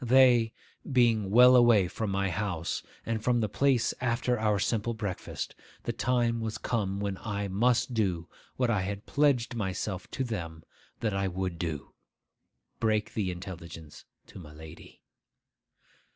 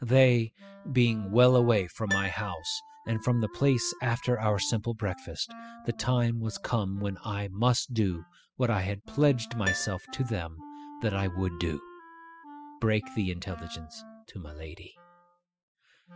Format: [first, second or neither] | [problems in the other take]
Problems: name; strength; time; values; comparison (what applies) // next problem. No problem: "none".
first | noise reduction (classical method spectral subtraction)